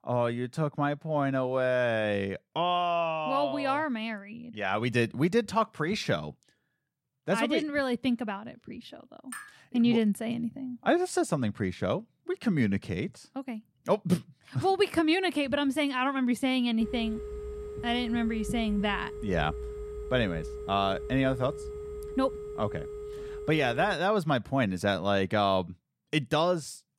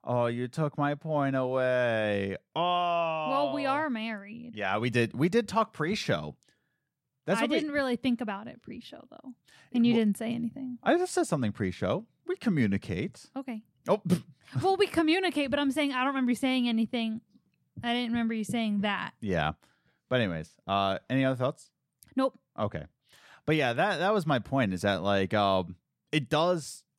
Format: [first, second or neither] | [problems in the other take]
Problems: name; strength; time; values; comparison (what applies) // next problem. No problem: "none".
second | clattering dishes; faint; at 9.5 s; peak 15 dB below the speech // phone ringing; noticeable; from 17 to 24 s; peak 9 dB below the speech